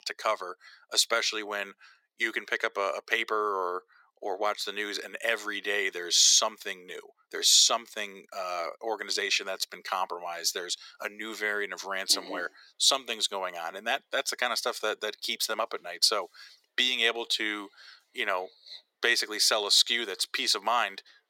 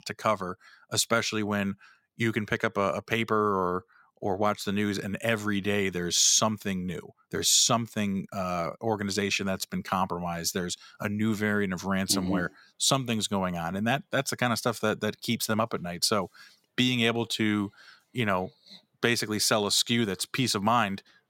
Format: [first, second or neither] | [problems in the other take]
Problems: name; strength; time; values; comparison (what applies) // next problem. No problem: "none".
second | thin; very; fading below 400 Hz